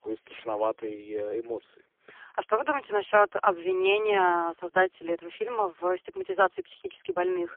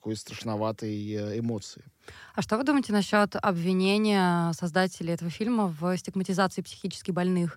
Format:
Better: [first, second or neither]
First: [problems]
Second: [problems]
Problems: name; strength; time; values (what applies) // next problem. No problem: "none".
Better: second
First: phone-call audio; poor line; nothing above 3 kHz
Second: none